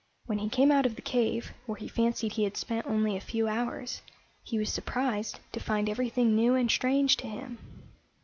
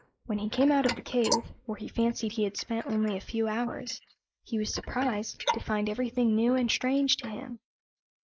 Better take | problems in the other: first | noise reduction (neural mask model Resemble Enhance denoiser)

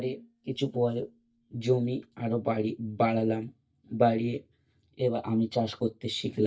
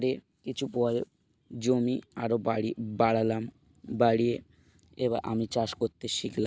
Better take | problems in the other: second | noise reduction (neural mask model DeepFilterNet 3)

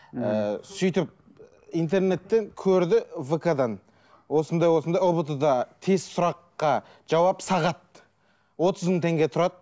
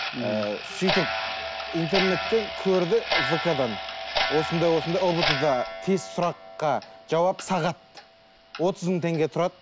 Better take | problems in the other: first | background sound (Clock); 5 dB below the speech

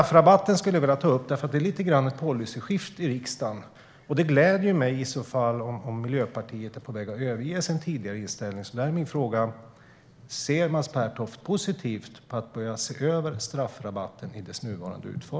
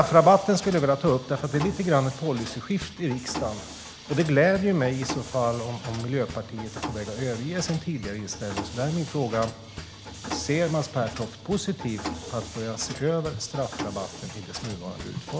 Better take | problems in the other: first | background sound (Mechanisms); 12 dB below the speech

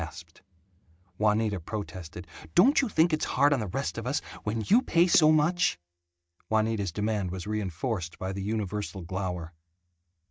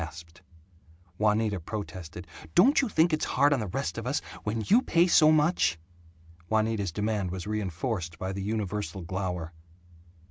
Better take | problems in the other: second | noise reduction (neural mask model DeepFilterNet 3)

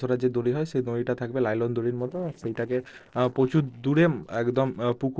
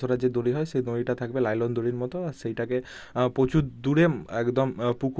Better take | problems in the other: second | noise reduction (neural separator model SepFormer DNS4)

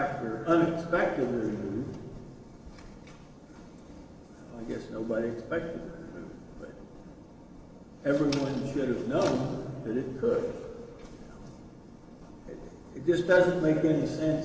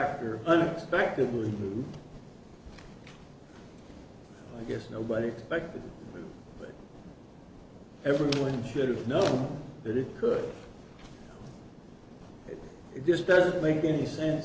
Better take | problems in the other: second | room echo; dies away in 2.7 s

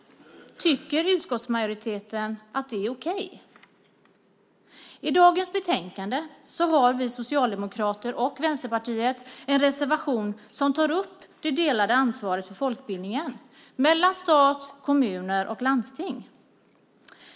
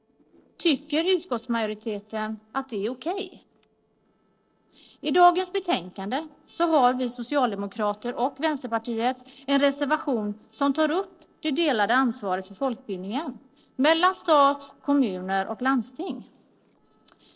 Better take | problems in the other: first | noise reduction (neural separator model SepFormer DNS4)

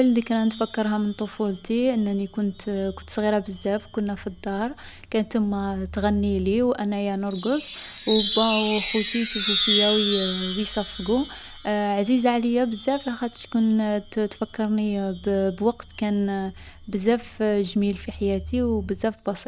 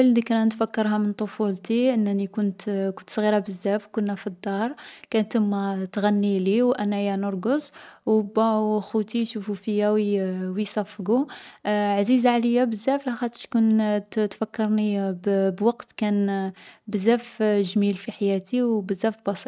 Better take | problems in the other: second | background sound (Chime); 9 dB below the speech

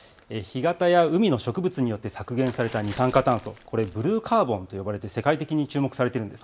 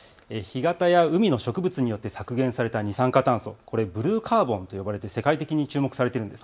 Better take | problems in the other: second | background sound (Tearing); 19 dB below the speech

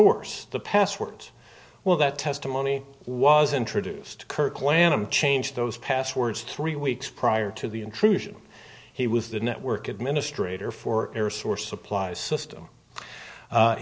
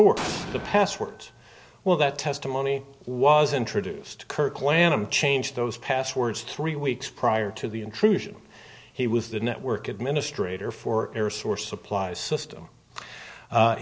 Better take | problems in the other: first | background sound (Explosion); 10 dB below the speech

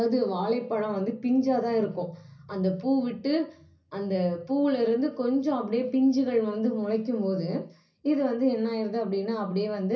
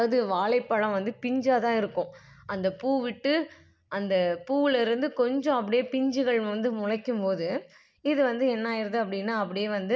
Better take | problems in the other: second | room echo; dies away in 0.5 s

